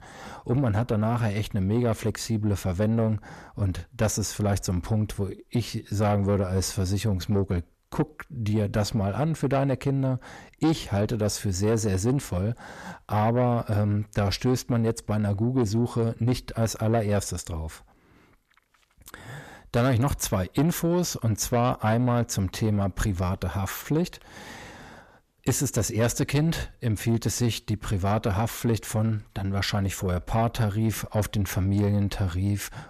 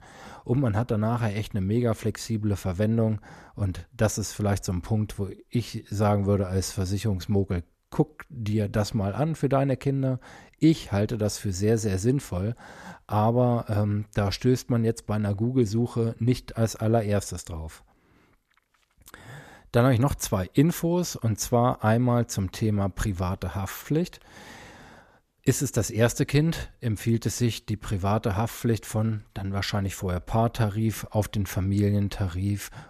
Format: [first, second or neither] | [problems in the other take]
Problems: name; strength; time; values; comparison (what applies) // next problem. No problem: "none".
second | distortion; slight; 10 dB below the speech